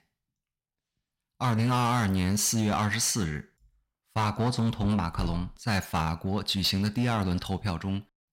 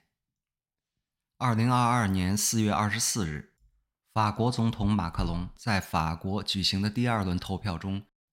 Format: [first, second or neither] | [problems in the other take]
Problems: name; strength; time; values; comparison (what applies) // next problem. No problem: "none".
second | distortion; slight; 8% of the sound clipped